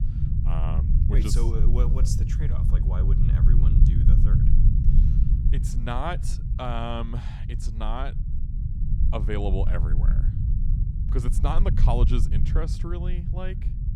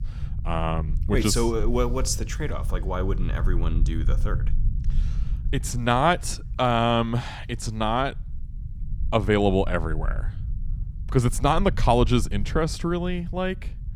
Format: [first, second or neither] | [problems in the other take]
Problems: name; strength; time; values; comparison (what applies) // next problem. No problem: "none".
second | low rumble; loud; throughout; 5 dB below the speech; faint in the second